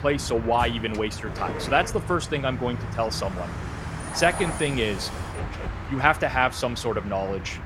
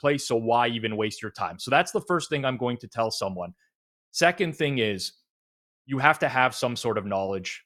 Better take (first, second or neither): second